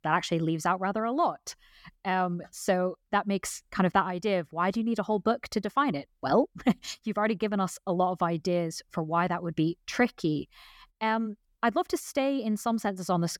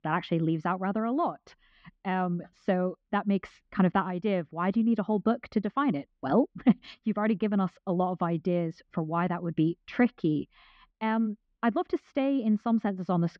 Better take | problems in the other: first | muffled; very; fading above 3.5 kHz

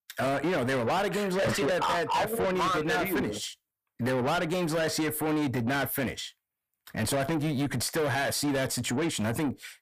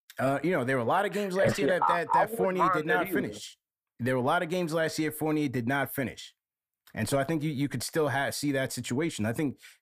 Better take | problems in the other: second | distortion; heavy; 7 dB below the speech

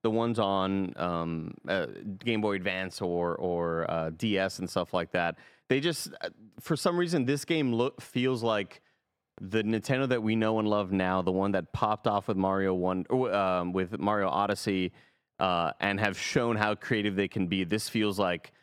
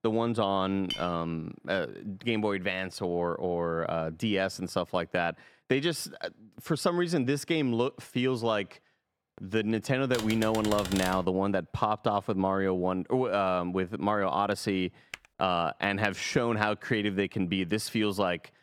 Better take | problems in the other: first | clattering dishes; noticeable; at 1 s; peak 7 dB below the speech // keyboard typing; noticeable; from 10 to 11 s; peak 6 dB below the speech // keyboard typing; very faint; at 15 s; peak 15 dB below the speech

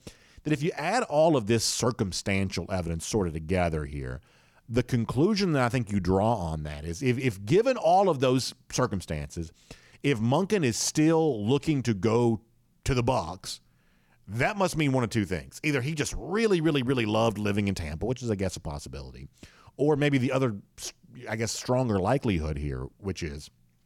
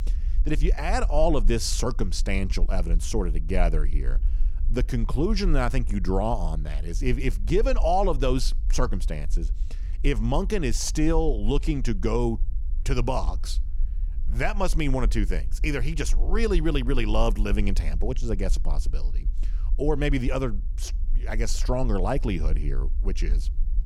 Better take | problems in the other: first | low rumble; faint; throughout; 25 dB below the speech

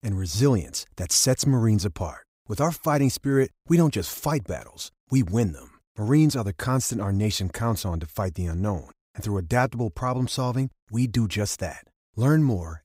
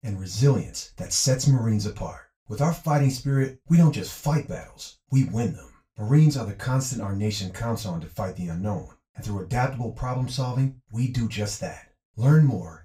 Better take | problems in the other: first | room echo; slight; dies away in 0.2 s // off-mic speech; far

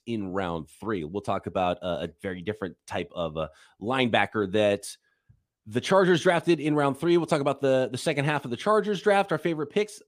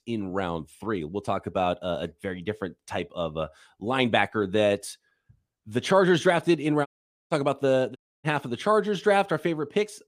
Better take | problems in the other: first | audio cutting out; at 7 s and at 8 s

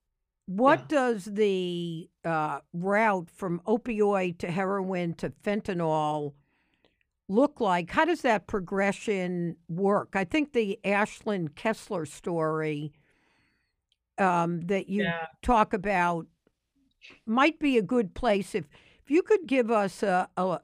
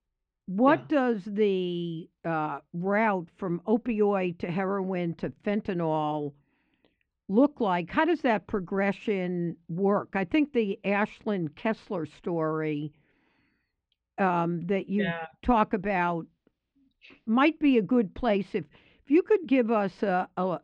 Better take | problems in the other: first | muffled; very slightly; fading above 4 kHz

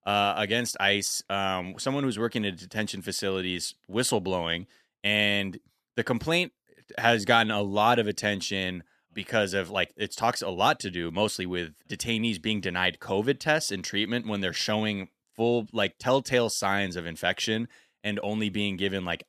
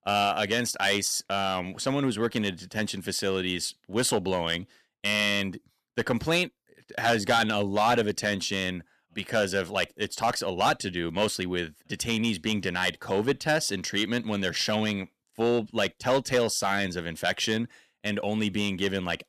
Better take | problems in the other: first | distortion; slight; 2% of the sound clipped

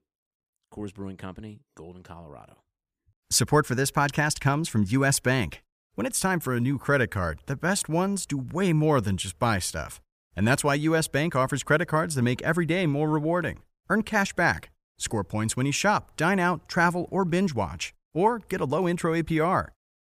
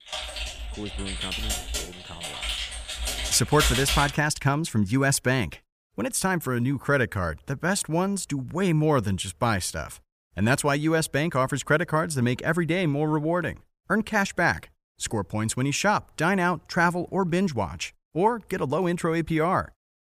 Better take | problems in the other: first | keyboard typing; loud; until 4 s; peak 2 dB above the speech

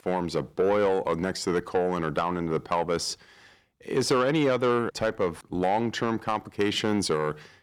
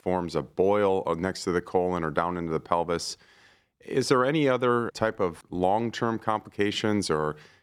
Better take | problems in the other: second | distortion; slight; 10 dB below the speech

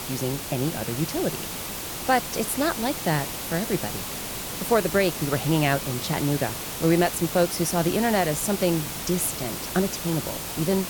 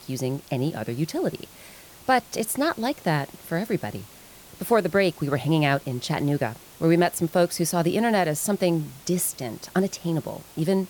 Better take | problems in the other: second | hiss; loud; throughout; 5 dB below the speech; faint in the second

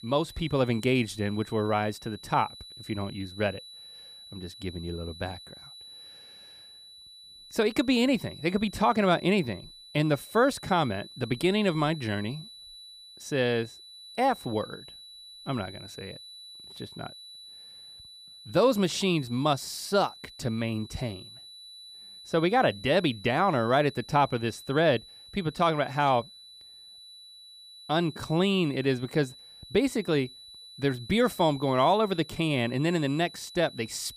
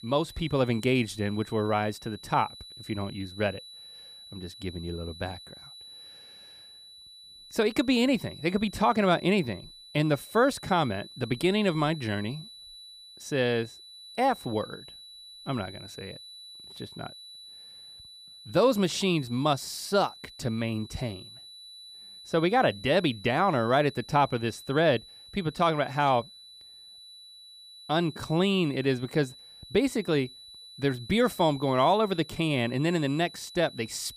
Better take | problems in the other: neither | high-pitched whine; noticeable; throughout; 4 kHz, 20 dB below the speech; the same in both

